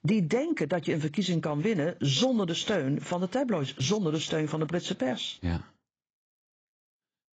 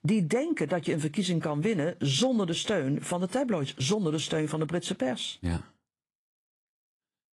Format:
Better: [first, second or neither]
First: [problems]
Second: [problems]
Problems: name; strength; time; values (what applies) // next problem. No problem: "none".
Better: second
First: garbled, watery; badly; nothing above 7.5 kHz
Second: garbled, watery; slightly